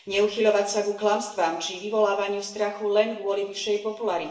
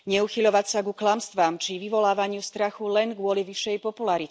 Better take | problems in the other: second | room echo; dies away in 1 s

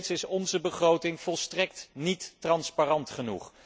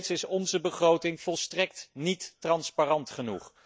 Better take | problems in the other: first | noise reduction (neural mask model DeepFilterNet 3)

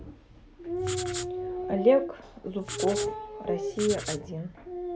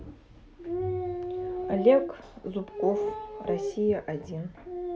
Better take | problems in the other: second | background sound (Writing); 9 dB below the speech

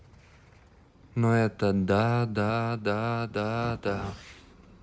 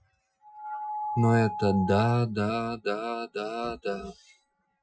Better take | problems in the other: first | noise reduction (classical method Wiener filter)

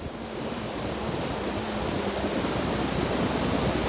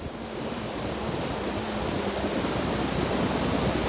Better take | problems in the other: first | background sound (Toilet flush); 19 dB below the speech

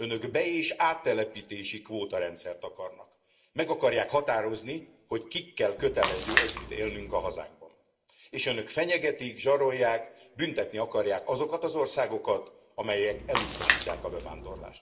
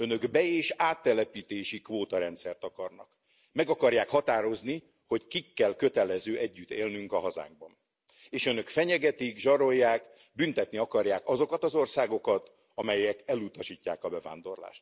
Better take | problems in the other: second | background sound (Splash, splatter); 2 dB below the speech // room echo; dies away in 0.7 s

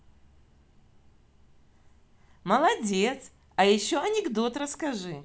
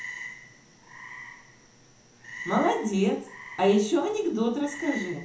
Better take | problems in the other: first | background sound (Frog); 14 dB below the speech // room echo; dies away in 0.7 s

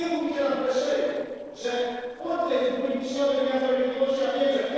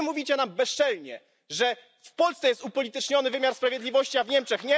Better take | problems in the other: second | noise reduction (neural separator model SepFormer DNS4)

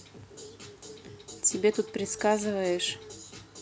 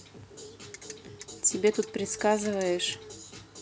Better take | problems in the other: first | background sound (Ratchet, pawl); 18 dB below the speech

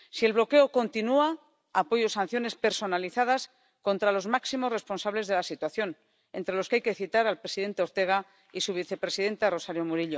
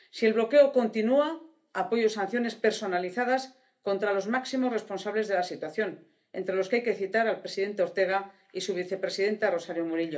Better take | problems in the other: first | room echo; dies away in 0.3 s

